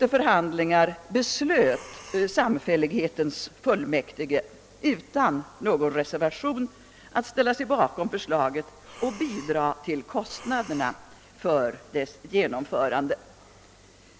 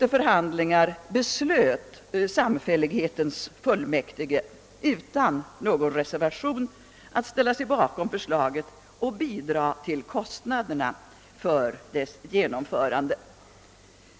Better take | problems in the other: second | background sound (Breathing); 20 dB below the speech

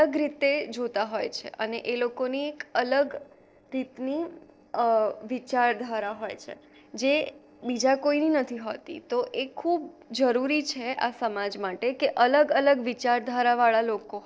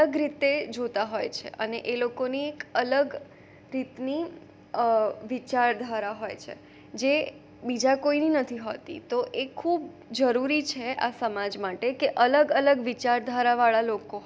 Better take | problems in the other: second | noise reduction (neural separator model SepFormer DNS4)

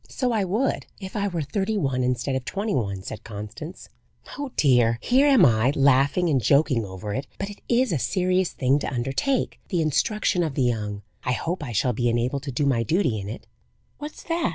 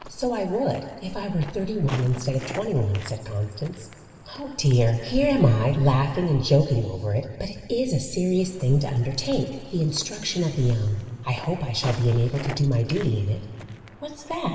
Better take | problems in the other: first | background sound (Walk, footsteps); 20 dB below the speech // room echo; dies away in 2.1 s

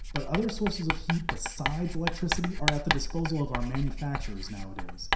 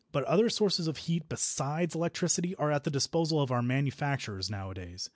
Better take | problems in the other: second | background sound (Writing); as loud as the speech // room echo; dies away in 0.7 s

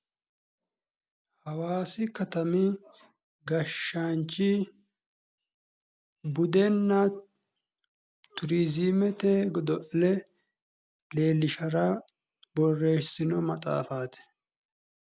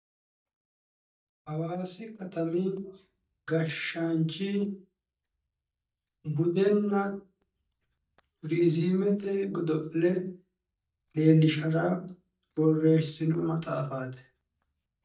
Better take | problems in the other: first | noise reduction (neural mask model DeepFilterNet 3)

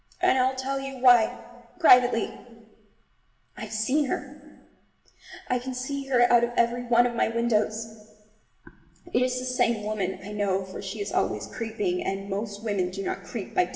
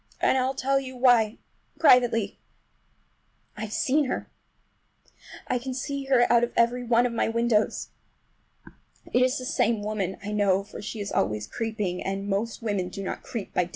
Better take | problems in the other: second | room echo; dies away in 1.2 s

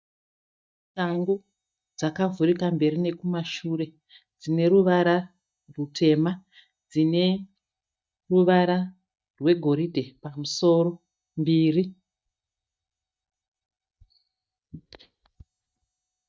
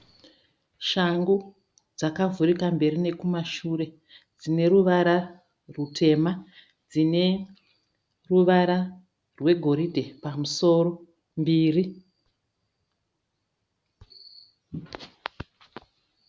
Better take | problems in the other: second | noise reduction (neural mask model DeepFilterNet 3)

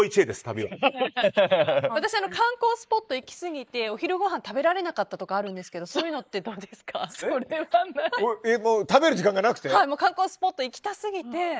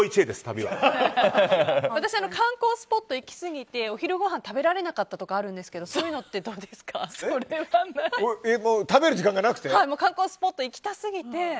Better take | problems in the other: second | noise reduction (neural mask model Resemble Enhance denoiser)

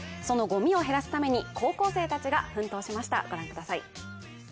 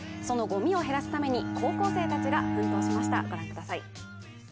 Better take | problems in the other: first | background sound (Bowed string instrument); 1 dB below the speech

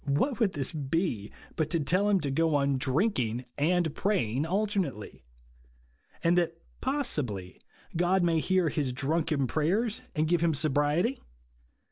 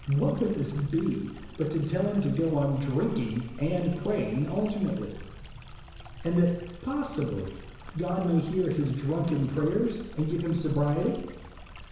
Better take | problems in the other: first | background sound (Stream); 15 dB below the speech // room echo; dies away in 1 s

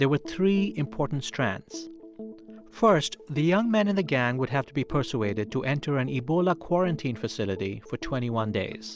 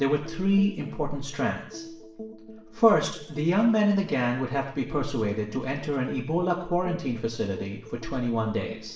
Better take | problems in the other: first | room echo; dies away in 0.7 s

